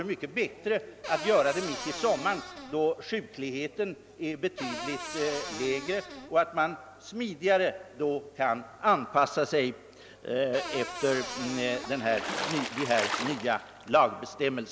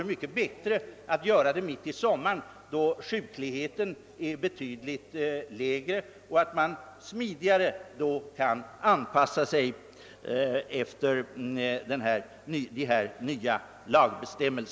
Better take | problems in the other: second | background sound (Water / Splash, splatter + Cupboard open or close / Door); 8 dB below the speech

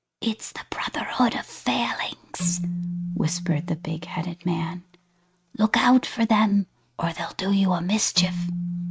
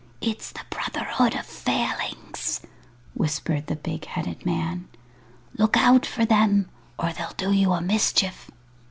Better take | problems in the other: second | noise reduction (neural mask model RNNoise)

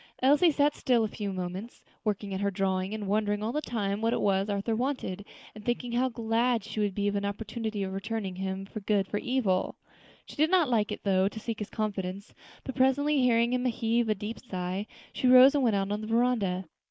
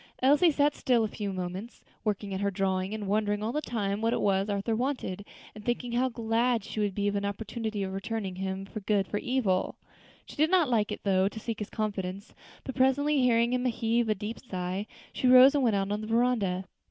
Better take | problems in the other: second | noise reduction (neural mask model Resemble Enhance denoiser)

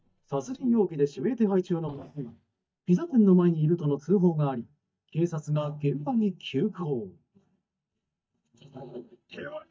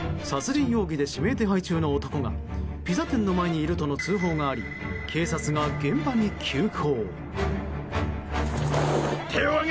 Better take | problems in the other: second | noise reduction (neural mask model DeepFilterNet 3)

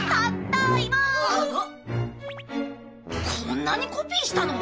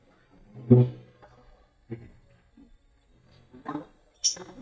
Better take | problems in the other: first | noise reduction (neural mask model DeepFilterNet 3)

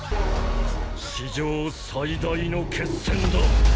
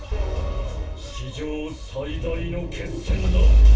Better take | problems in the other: first | room echo; dies away in 0.2 s

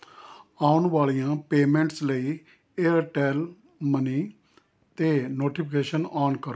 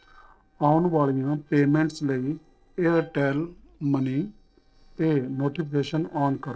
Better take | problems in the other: first | noise reduction (neural separator model SepFormer DNS4)

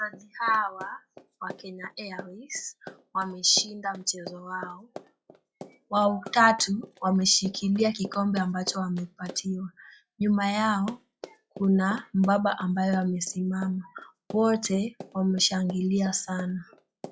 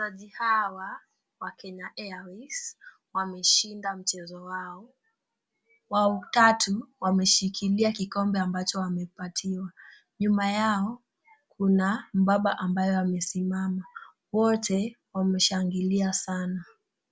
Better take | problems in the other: second | noise reduction (classical method log-MMSE)

